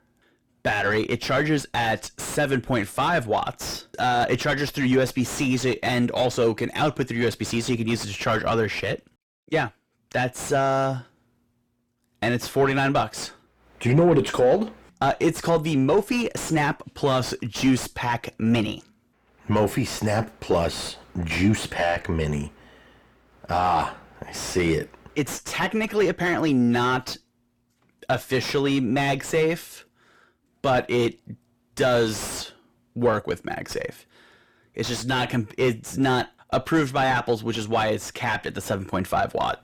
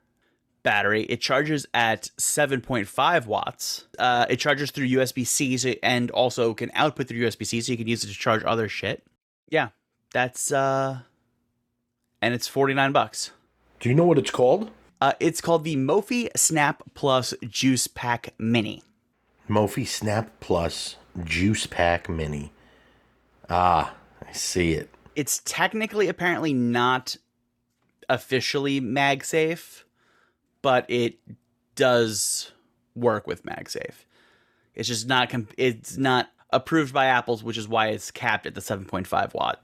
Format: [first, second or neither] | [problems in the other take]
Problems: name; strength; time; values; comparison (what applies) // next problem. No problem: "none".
second | distortion; heavy; 6 dB below the speech